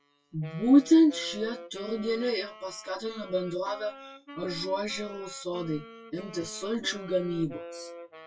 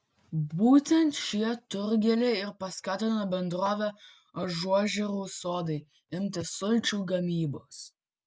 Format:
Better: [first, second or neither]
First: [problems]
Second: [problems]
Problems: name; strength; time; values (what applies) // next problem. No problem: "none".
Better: second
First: noise reduction (classical method WPE with log-MMSE)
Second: none